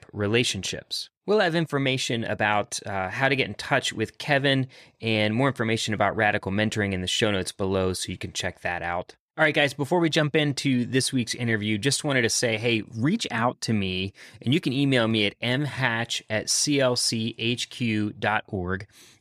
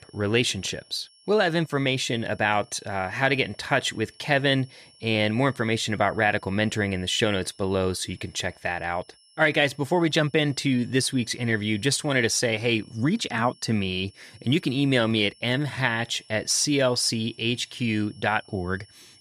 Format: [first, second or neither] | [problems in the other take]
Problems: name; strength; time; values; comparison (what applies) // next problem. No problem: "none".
first | high-pitched whine; faint; throughout; 5.5 kHz, 30 dB below the speech